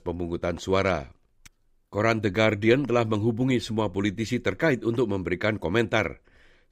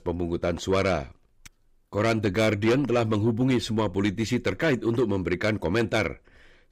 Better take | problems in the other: first | distortion; slight; 10 dB below the speech

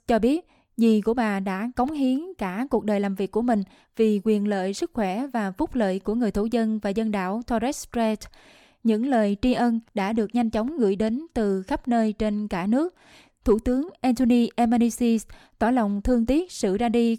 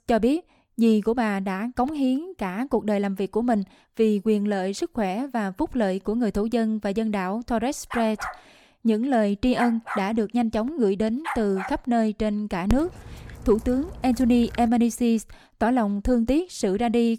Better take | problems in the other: first | dog barking; noticeable; from 8 to 12 s and from 13 to 15 s; peak 7 dB below the speech

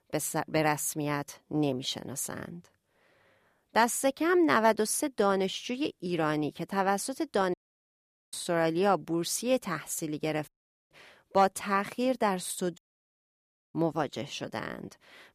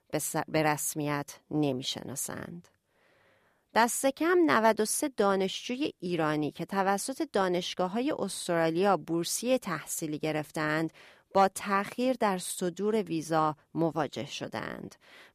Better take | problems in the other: second | audio cutting out; at 7.5 s for 1 s, at 10 s and at 13 s for 1 s

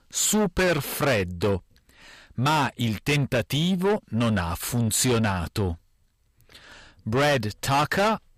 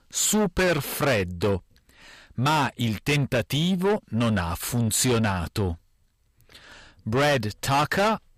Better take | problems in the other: neither | distortion; heavy; 6 dB below the speech; the same in both

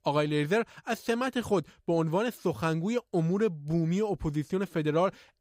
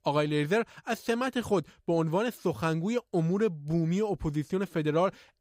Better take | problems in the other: neither | none

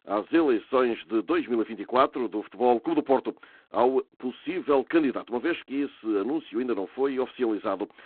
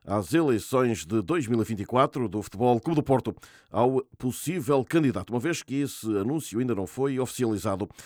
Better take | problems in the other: second | phone-call audio; poor line; nothing above 4 kHz

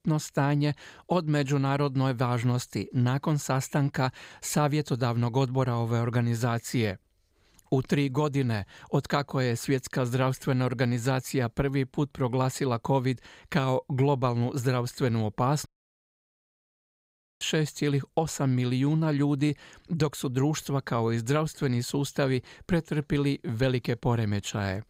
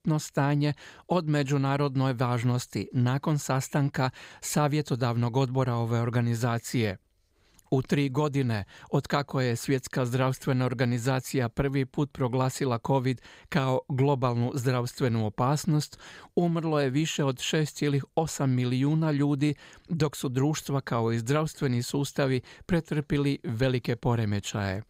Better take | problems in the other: second | audio cutting out; at 16 s for 2 s

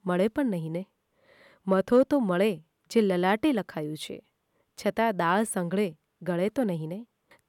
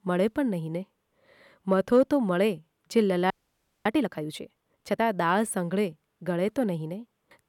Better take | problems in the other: first | audio freezing; at 3.5 s for 0.5 s

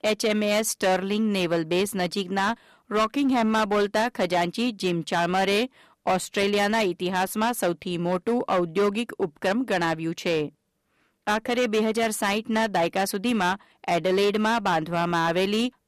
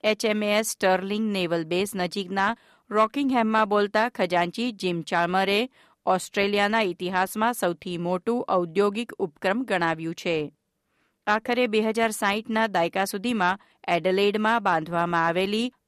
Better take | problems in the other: second | distortion; slight; 10% of the sound clipped

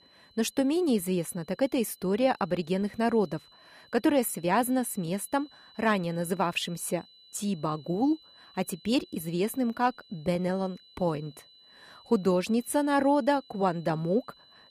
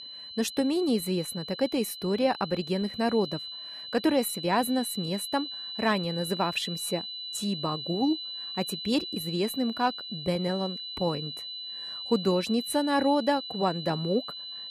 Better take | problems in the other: first | high-pitched whine; loud; throughout; 4 kHz, 7 dB below the speech; faint in the first

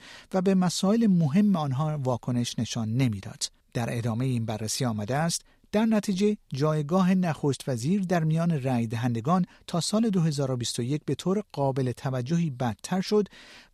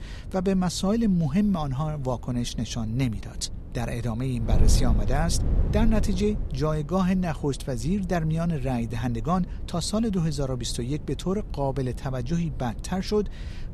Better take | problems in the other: first | wind noise on the microphone; occasional gusts; 15 dB below the speech

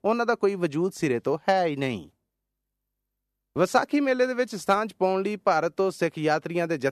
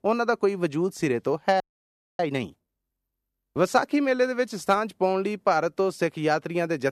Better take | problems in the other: first | audio freezing; at 1.5 s for 0.5 s

